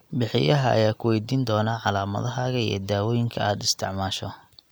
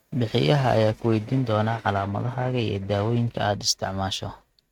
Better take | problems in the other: first | noise reduction (neural mask model RNNoise)

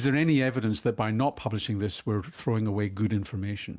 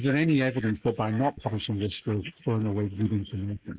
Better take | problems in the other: first | noise reduction (neural mask model Resemble Enhance denoiser)

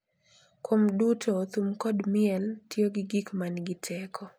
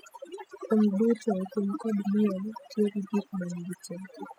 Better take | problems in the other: first | noise reduction (classical method spectral subtraction)

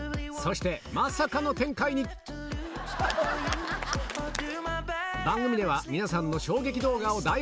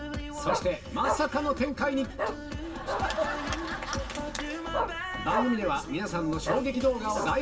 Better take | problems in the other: first | background sound (Bark); 5 dB below the speech // room echo; dies away in 1.7 s

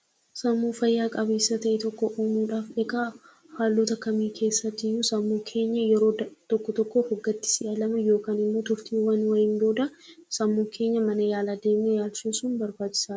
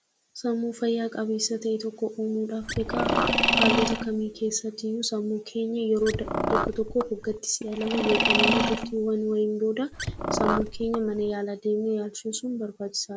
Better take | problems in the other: first | background sound (Car + Mechanisms); 1 dB above the speech

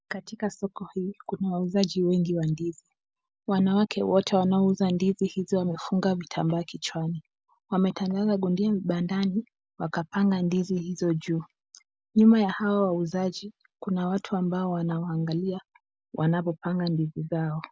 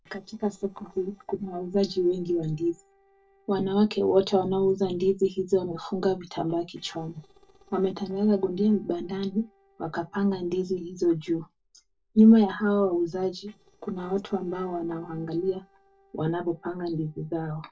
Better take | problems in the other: first | noise reduction (neural separator model SepFormer DNS4)

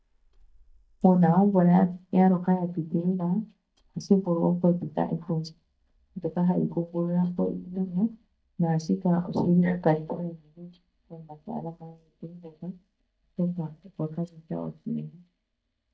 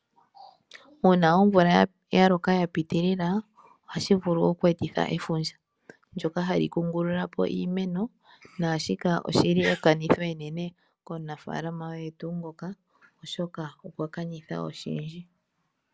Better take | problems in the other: second | noise reduction (neural mask model DeepFilterNet 3)

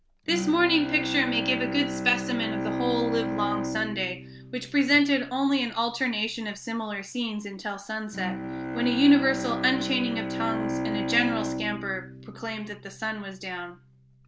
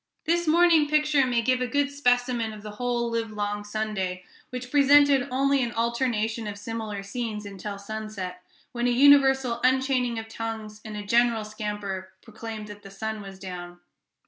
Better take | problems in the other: second | background sound (Bowed string instrument); 6 dB below the speech

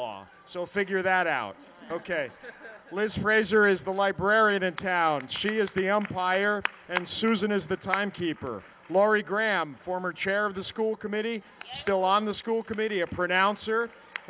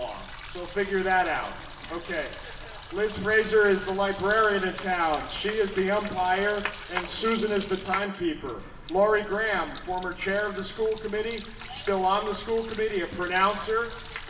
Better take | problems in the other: first | background sound (Water tap, faucet); 15 dB below the speech // room echo; dies away in 1.1 s

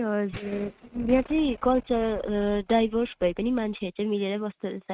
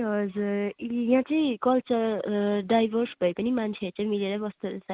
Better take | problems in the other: second | noise reduction (neural mask model RNNoise)

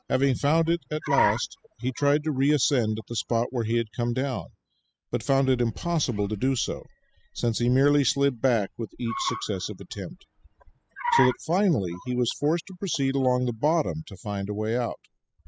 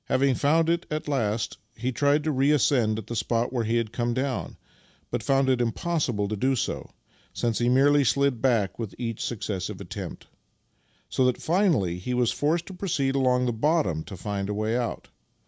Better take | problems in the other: second | noise reduction (classical method spectral subtraction)

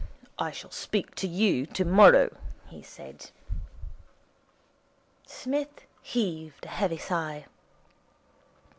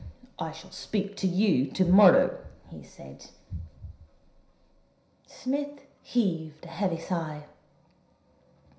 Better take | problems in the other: first | room echo; dies away in 0.5 s

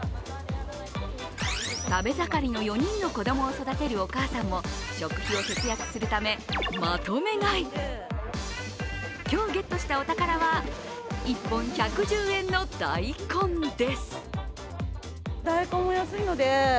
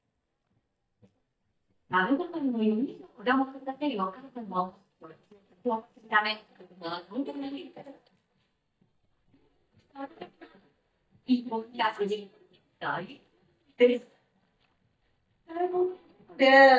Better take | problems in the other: first | noise reduction (neural mask model DeepFilterNet 3)

